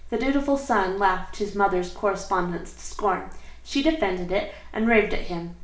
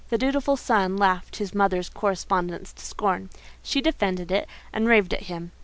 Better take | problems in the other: second | room echo; dies away in 0.5 s

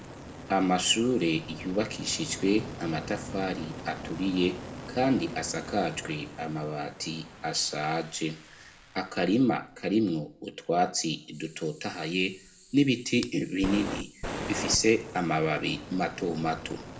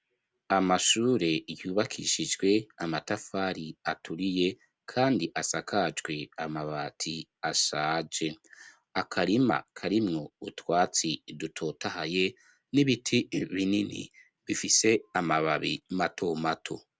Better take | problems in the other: second | background sound (Fire); 12 dB below the speech // room echo; dies away in 0.4 s

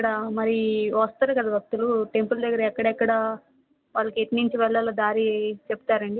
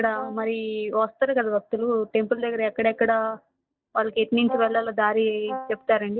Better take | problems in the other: first | noise reduction (neural mask model DeepFilterNet 3)

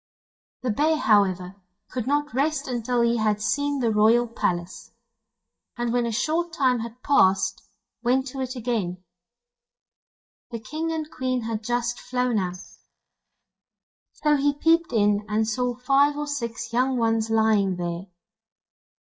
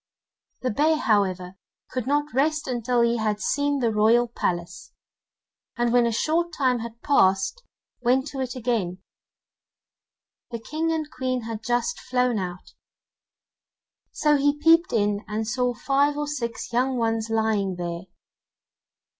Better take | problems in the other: second | noise reduction (neural mask model DeepFilterNet 3)

